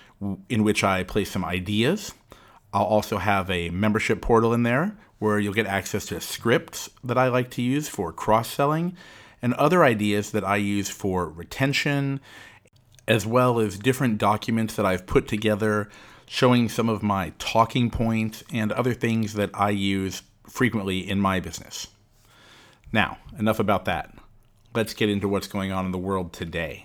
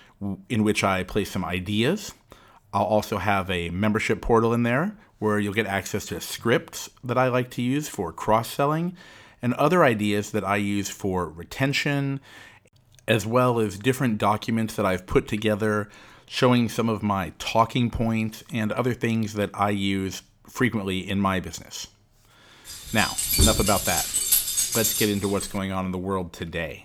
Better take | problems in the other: first | jangling keys; loud; from 23 to 25 s; peak 5 dB above the speech

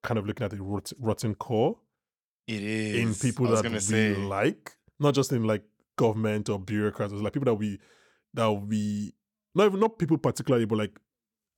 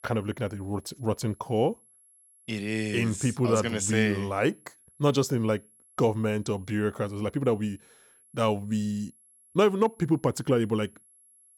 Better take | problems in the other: first | high-pitched whine; faint; throughout; 11 kHz, 30 dB below the speech

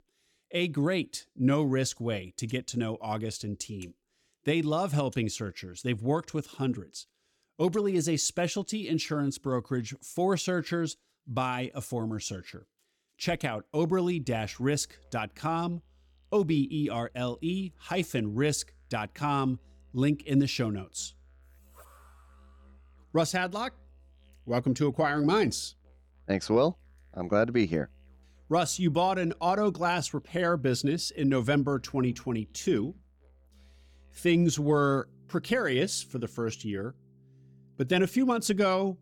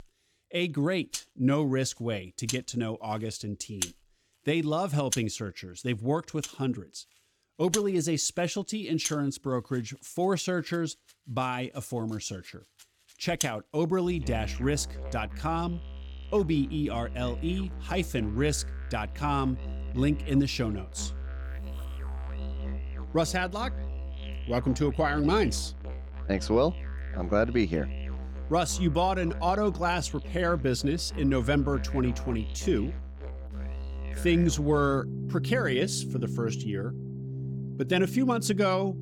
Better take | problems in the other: first | background music; loud; throughout; 8 dB below the speech; faint in the first

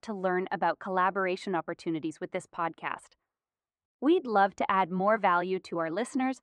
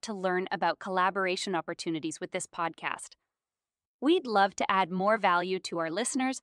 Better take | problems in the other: second | muffled; slightly; fading above 3 kHz

